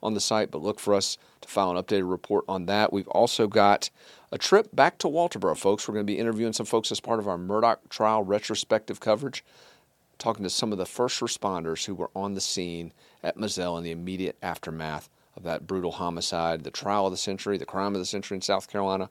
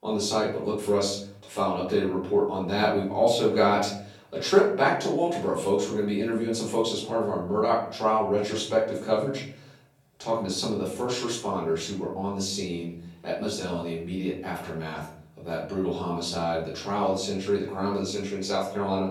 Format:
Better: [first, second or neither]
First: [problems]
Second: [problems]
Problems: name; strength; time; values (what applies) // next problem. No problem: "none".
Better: first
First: none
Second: off-mic speech; far // room echo; noticeable; dies away in 0.7 s